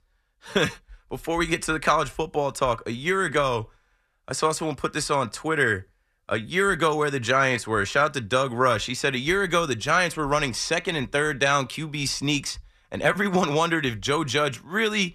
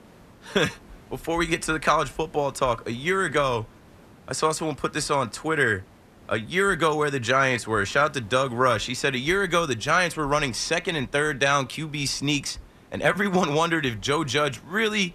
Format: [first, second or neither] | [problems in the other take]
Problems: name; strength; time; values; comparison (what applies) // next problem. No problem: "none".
first | hiss; faint; throughout; 25 dB below the speech